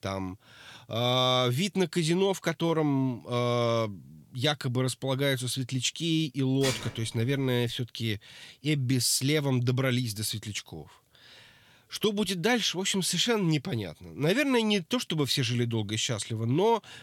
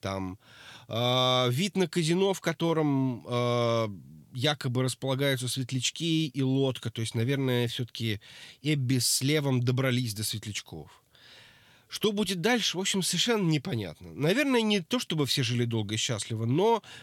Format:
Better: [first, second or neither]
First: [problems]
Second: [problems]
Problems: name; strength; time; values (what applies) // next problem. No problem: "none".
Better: second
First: clattering dishes; noticeable; at 6.5 s; peak 5 dB below the speech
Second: none